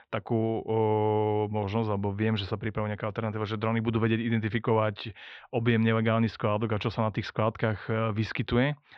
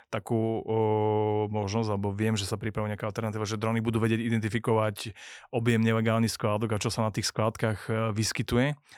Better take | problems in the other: second | muffled; slightly; fading above 4 kHz

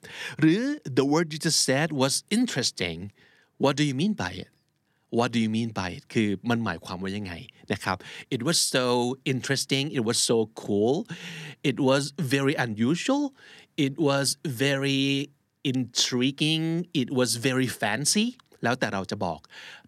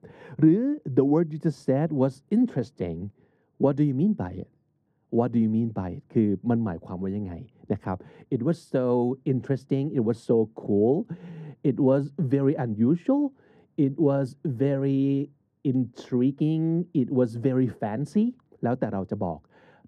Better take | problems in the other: first | muffled; very; fading above 1.5 kHz

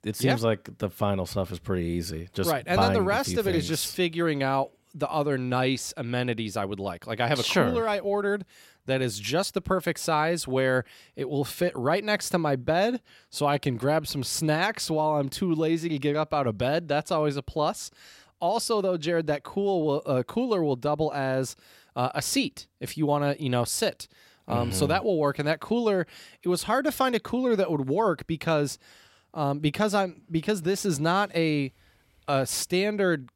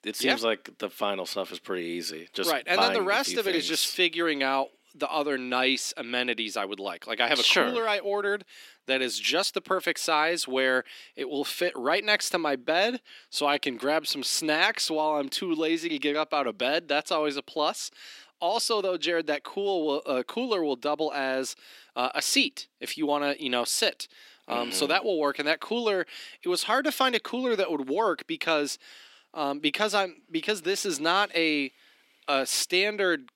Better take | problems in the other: first | thin; very slightly; fading below 250 Hz

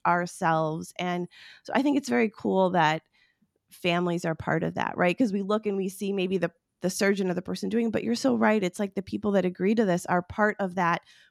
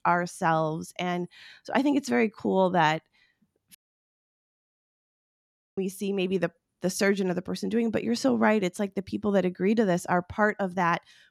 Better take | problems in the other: first | audio cutting out; at 4 s for 2 s

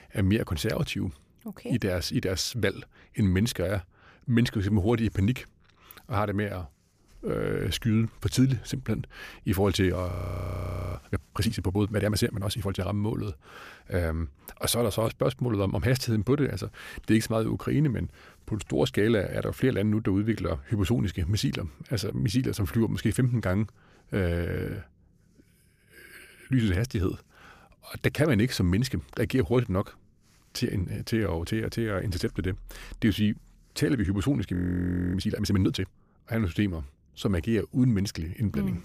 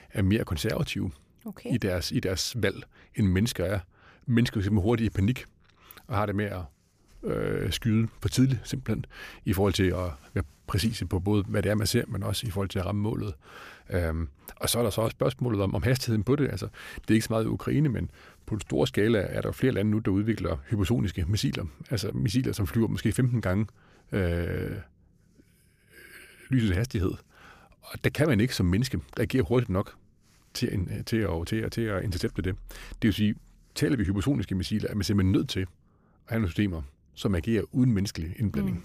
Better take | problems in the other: second | audio freezing; at 10 s for 1 s and at 35 s for 0.5 s

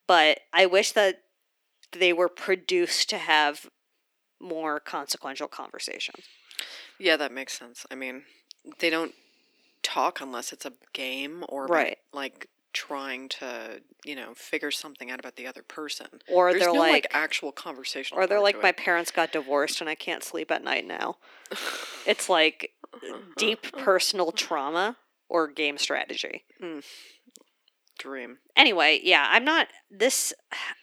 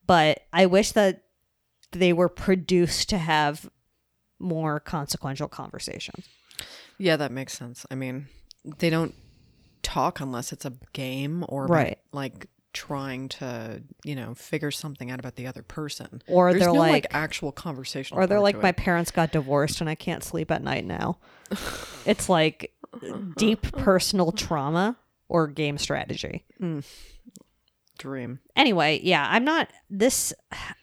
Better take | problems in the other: second | thin; somewhat; fading below 300 Hz

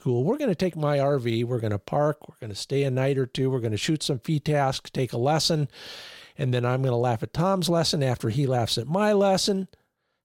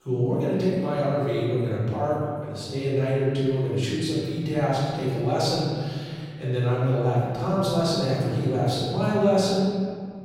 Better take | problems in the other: first | room echo; strong; dies away in 1.9 s // off-mic speech; far

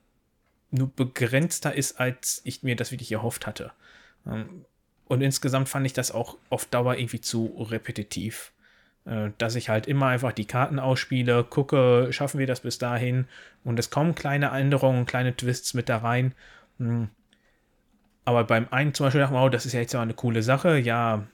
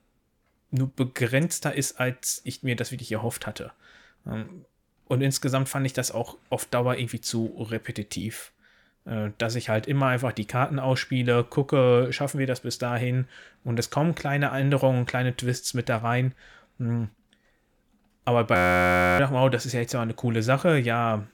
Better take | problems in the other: first | audio freezing; at 19 s for 0.5 s

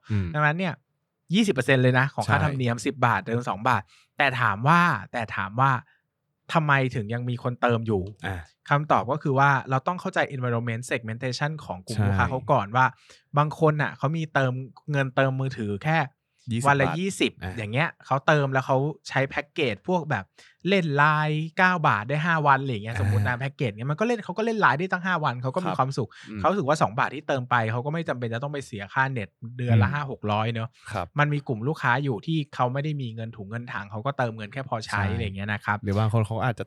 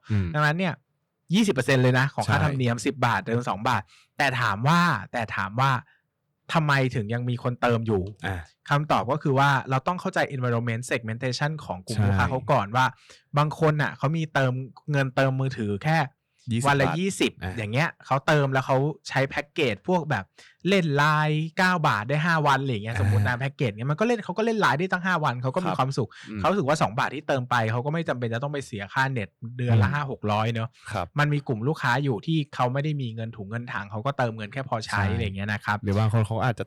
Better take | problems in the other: first | distortion; slight; 3% of the sound clipped

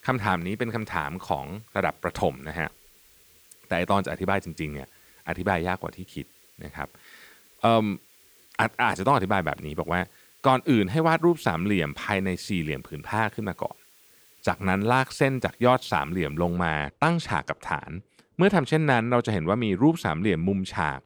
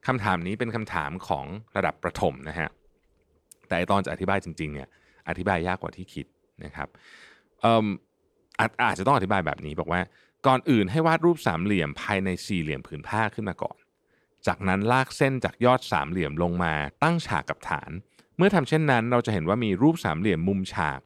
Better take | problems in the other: second | hiss; faint; until 17 s; 30 dB below the speech

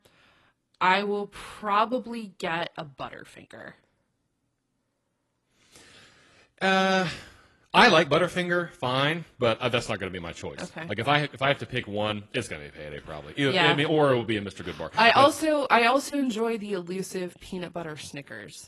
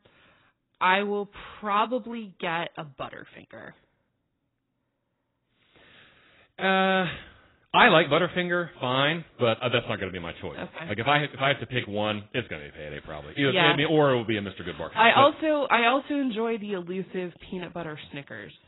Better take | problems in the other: first | garbled, watery; badly; nothing above 4 kHz; slightly in the first

